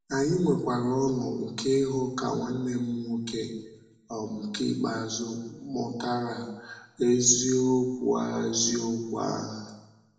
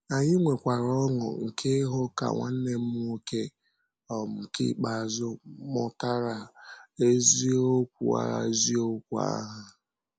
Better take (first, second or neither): second